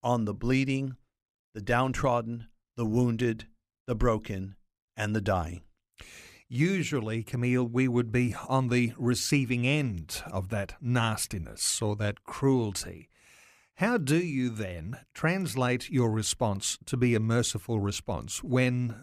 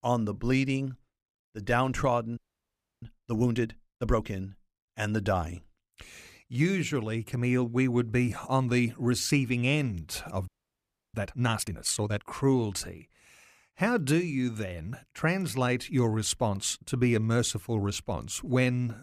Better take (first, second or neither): first